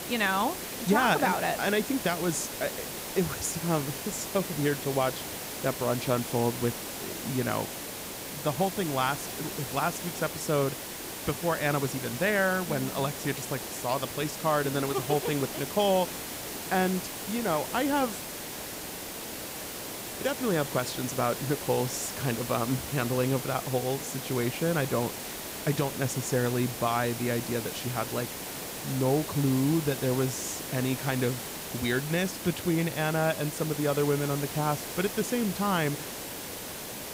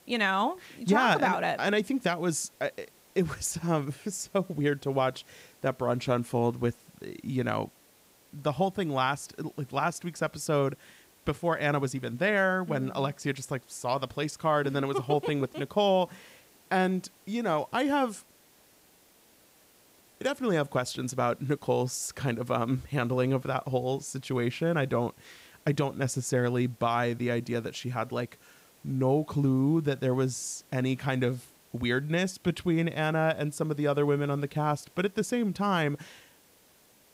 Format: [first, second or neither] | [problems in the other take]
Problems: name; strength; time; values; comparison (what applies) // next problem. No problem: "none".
second | hiss; loud; throughout; 6 dB below the speech; faint in the second